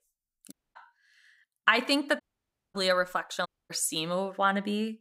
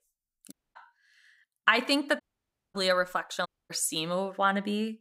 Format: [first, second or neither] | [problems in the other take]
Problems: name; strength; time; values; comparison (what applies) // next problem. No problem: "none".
neither | audio cutting out; at 0.5 s, at 2 s for 0.5 s and at 3.5 s; the same in both